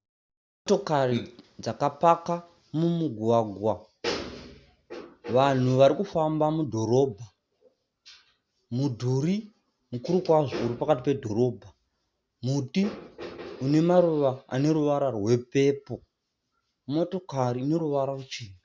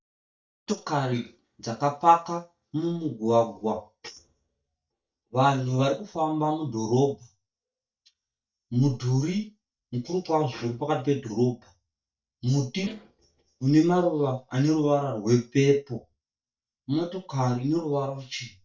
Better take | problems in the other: first | noise reduction (neural mask model DeepFilterNet 3)

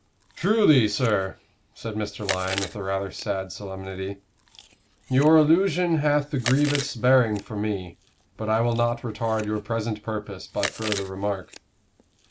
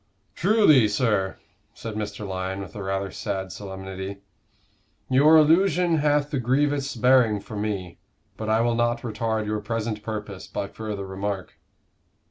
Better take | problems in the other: second | background sound (Chewing, mastication); 14 dB below the speech

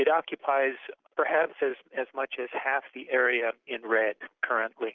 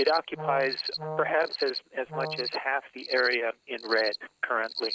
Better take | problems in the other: first | background sound (Cricket + Brass instrument); 8 dB below the speech

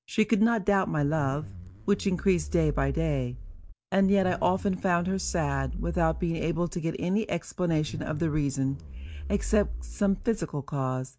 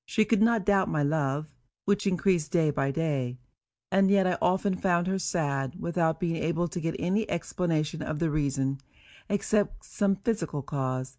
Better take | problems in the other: second | background sound (Zipper (clothing)); 10 dB below the speech

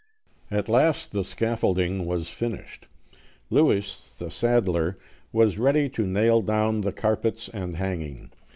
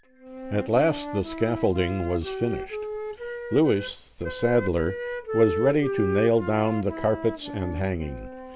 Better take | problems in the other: first | background sound (Wind instrument, woodwind instrument); 8 dB below the speech

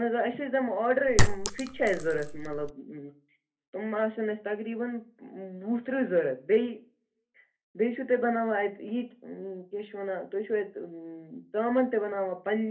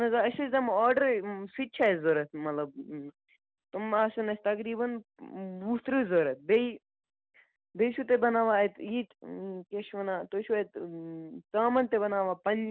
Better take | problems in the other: second | background sound (Chink, clink); 5 dB above the speech // room echo; dies away in 0.3 s

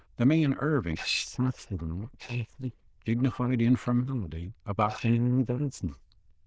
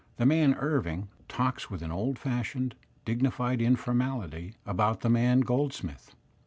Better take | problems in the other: second | noise reduction (neural diffusion model UNIVERSE++)

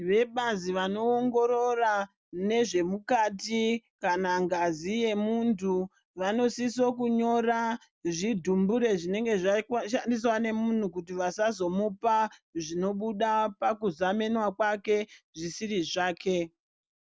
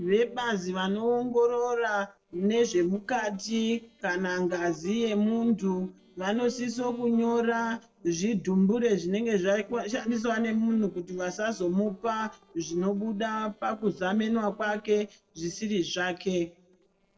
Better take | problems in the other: first | noise reduction (neural separator model SepFormer DNS4)

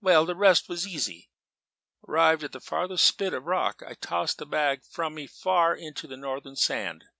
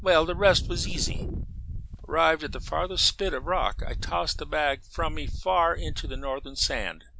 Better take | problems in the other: first | background sound (Wind); 6 dB below the speech

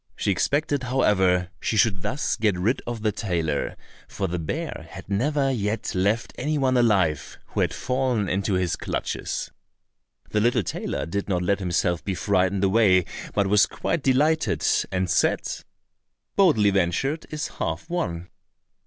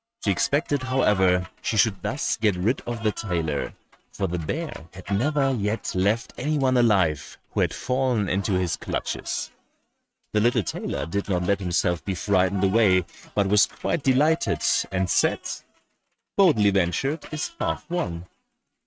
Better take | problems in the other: first | noise reduction (neural mask model RNNoise)

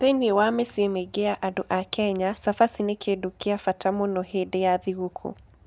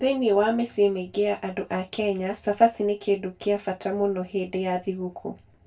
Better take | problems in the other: first | room echo; dies away in 0.2 s

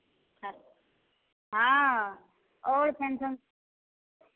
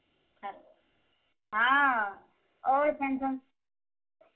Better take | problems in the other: first | room echo; dies away in 0.2 s

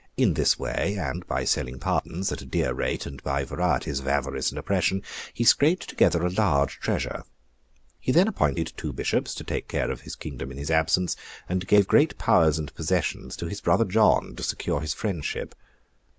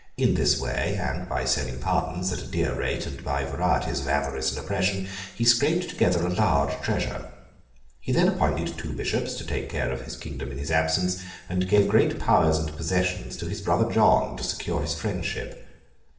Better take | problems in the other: first | room echo; dies away in 0.8 s

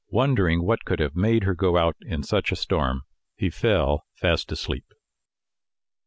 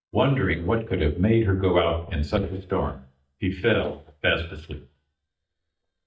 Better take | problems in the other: first | noise reduction (neural mask model DeepFilterNet 3)

